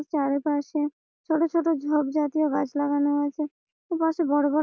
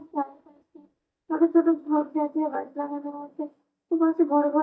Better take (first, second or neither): first